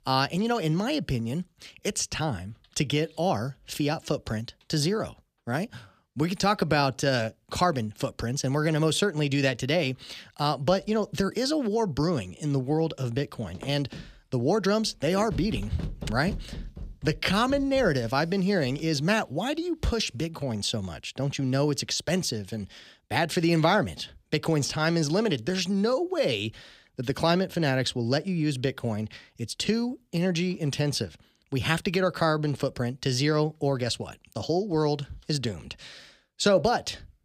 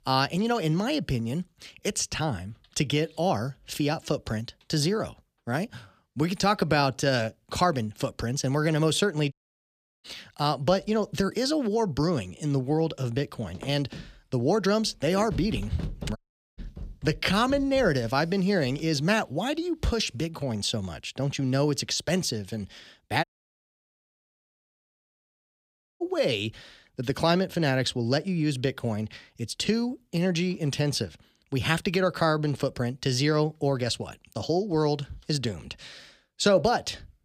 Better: first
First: none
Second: audio cutting out; at 9.5 s for 0.5 s, at 16 s and at 23 s for 3 s

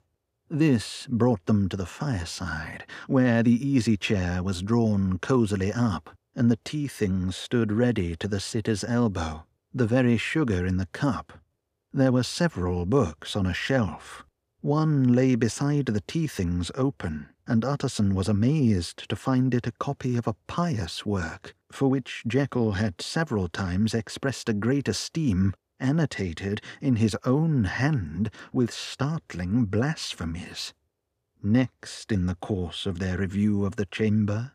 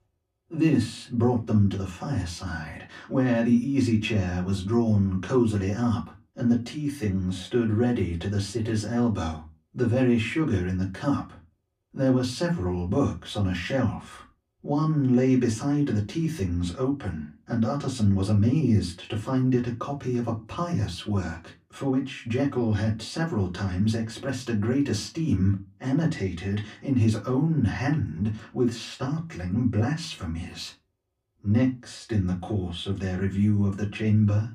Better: first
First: none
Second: off-mic speech; far // room echo; very slight; dies away in 0.2 s

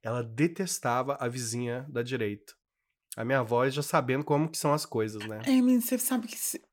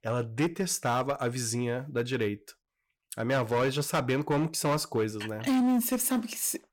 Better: first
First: none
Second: distortion; slight; 9% of the sound clipped

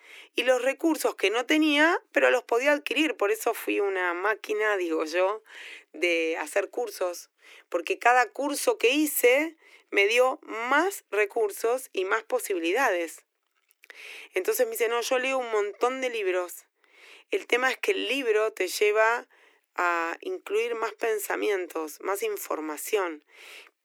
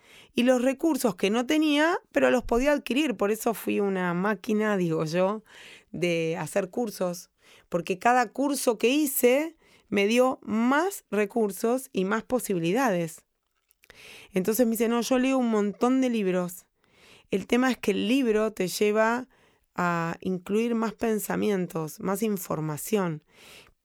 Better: second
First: thin; somewhat; fading below 300 Hz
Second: none

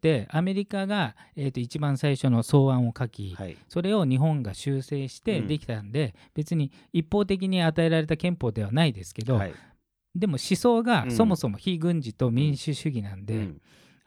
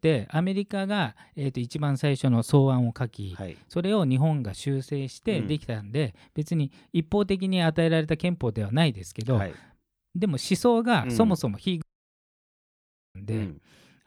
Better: first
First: none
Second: audio cutting out; at 12 s for 1.5 s

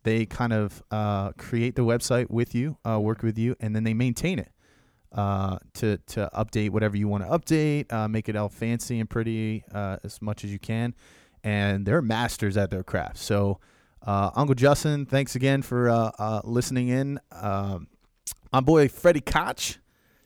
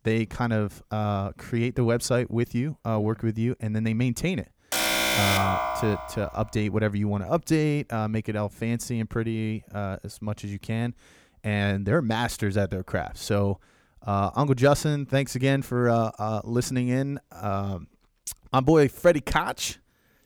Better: first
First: none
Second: alarm; loud; from 4.5 to 6.5 s; peak 5 dB above the speech

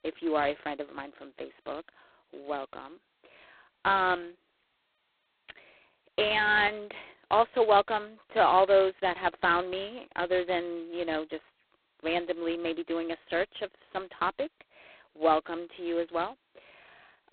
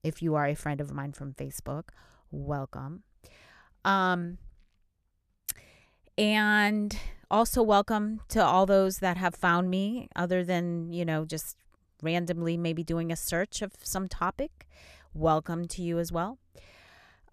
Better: second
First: phone-call audio; poor line; nothing above 4 kHz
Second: none

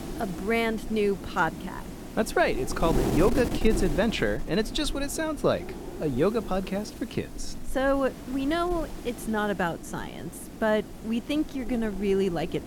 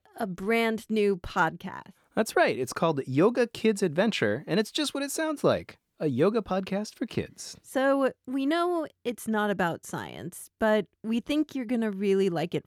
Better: second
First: wind noise on the microphone; occasional gusts; 10 dB below the speech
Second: none

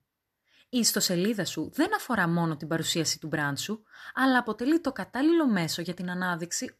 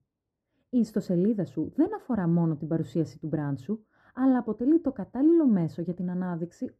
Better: first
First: none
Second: muffled; very; fading above 1 kHz

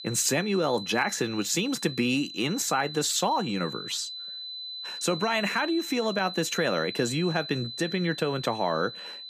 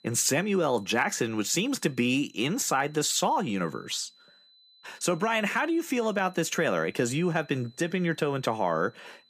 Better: second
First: high-pitched whine; loud; throughout; 4 kHz, 9 dB below the speech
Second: high-pitched whine; faint; throughout; 4 kHz, 30 dB below the speech

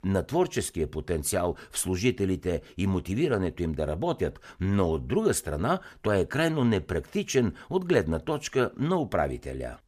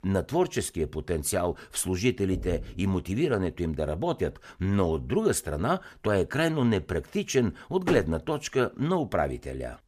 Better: first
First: none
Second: door banging; faint; at 2.5 s; peak 10 dB below the speech // door banging; noticeable; at 8 s; peak 5 dB below the speech

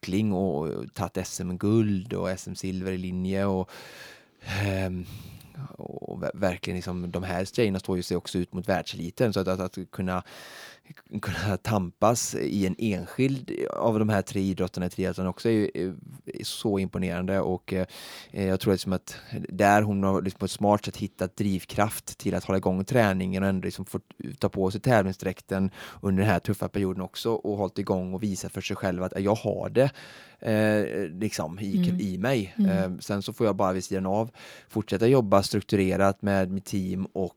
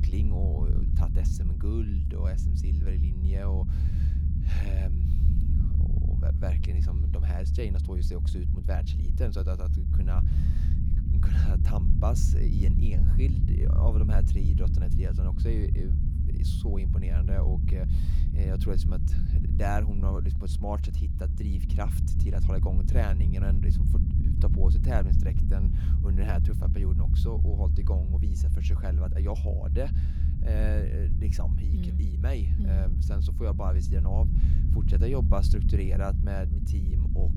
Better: first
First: none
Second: low rumble; loud; throughout; 3 dB below the speech

